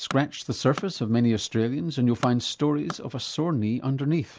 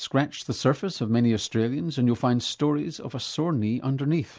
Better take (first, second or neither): second